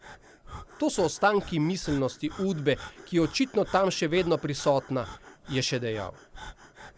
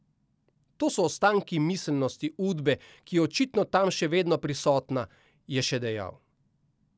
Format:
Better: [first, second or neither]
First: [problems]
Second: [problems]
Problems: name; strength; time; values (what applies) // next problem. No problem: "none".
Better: second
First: background sound (Breathing); 17 dB below the speech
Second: none